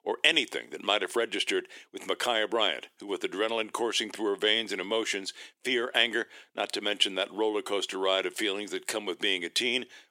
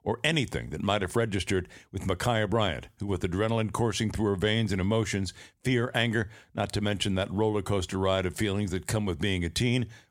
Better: second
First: thin; somewhat; fading below 350 Hz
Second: none

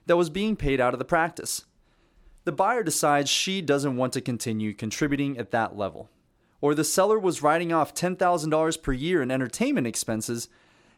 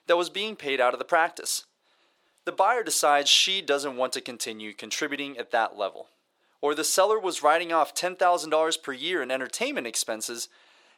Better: first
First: none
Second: thin; somewhat; fading below 550 Hz

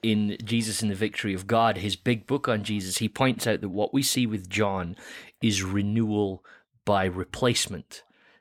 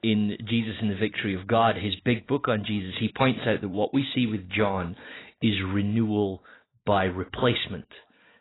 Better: first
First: none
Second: garbled, watery; badly; nothing above 4 kHz

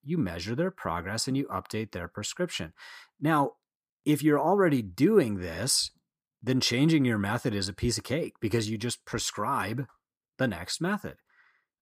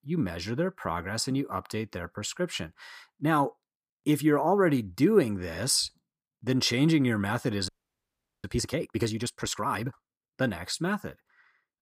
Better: first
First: none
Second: audio freezing; at 7.5 s for 1 s

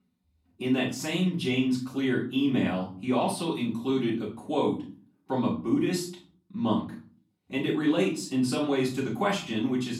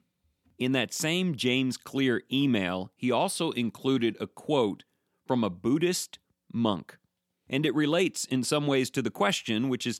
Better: second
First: room echo; slight; dies away in 0.4 s // off-mic speech; far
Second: none

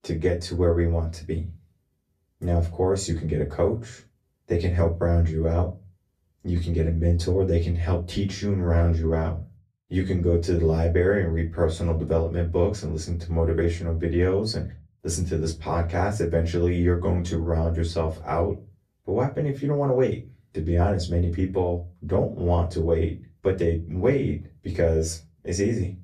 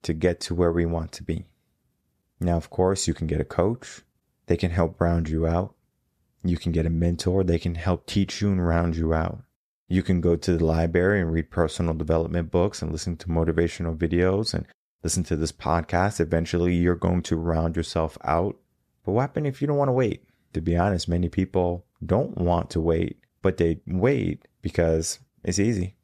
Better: second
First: off-mic speech; far // room echo; very slight; dies away in 0.2 s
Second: none

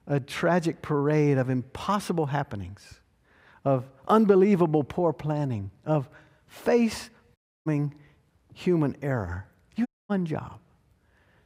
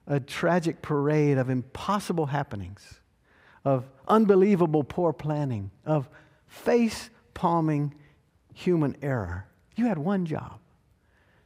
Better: second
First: audio cutting out; at 7.5 s and at 10 s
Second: none

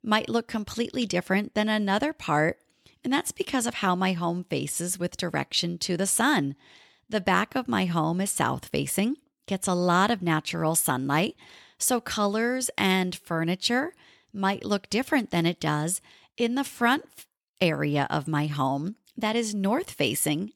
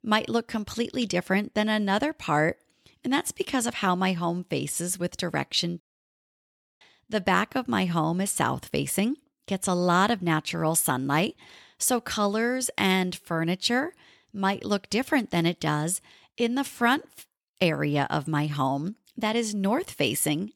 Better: first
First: none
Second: audio cutting out; at 6 s for 1 s

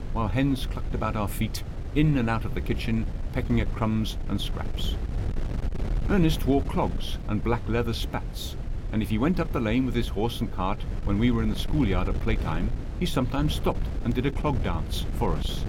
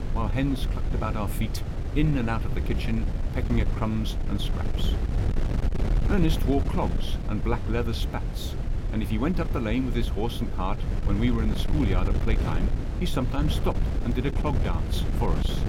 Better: first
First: wind noise on the microphone; occasional gusts; 10 dB below the speech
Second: wind noise on the microphone; heavy; 6 dB below the speech

